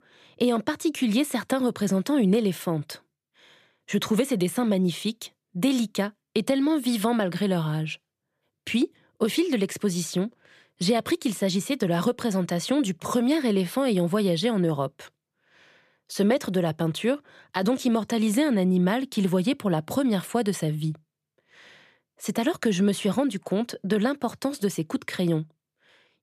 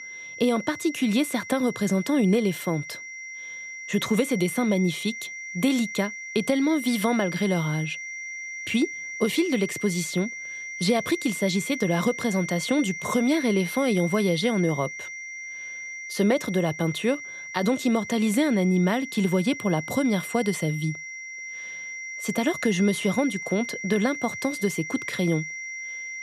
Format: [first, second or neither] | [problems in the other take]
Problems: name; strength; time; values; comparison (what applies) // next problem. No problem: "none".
first | high-pitched whine; loud; throughout; 2 kHz, 9 dB below the speech